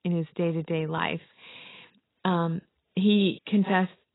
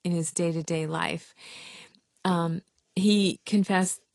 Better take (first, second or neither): second